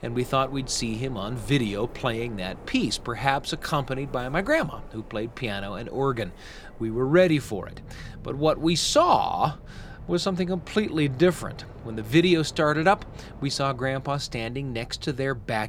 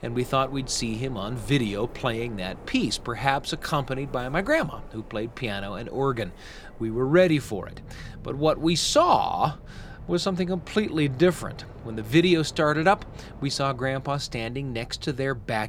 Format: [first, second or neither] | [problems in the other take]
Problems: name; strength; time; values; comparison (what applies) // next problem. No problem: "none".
neither | train or aircraft noise; noticeable; throughout; 20 dB below the speech; the same in both